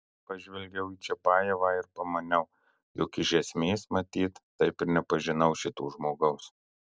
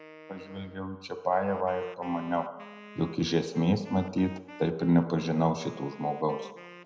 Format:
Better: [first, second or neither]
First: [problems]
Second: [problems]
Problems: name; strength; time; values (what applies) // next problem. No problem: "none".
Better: first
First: none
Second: background sound (Wind instrument, woodwind instrument); 19 dB below the speech // room echo; dies away in 0.8 s